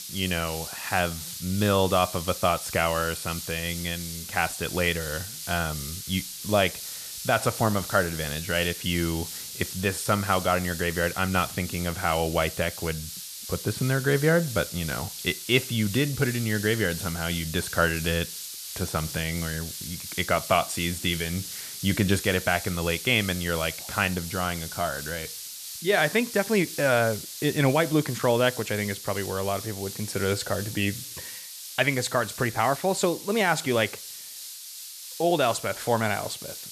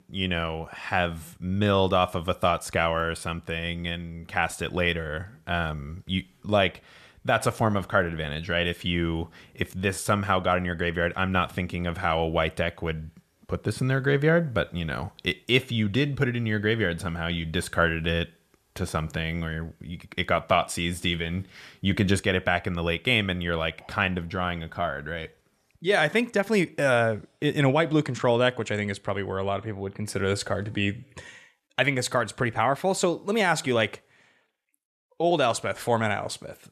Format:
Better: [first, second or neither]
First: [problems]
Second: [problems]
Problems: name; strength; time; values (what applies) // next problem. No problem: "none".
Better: second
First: hiss; loud; throughout; 9 dB below the speech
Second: none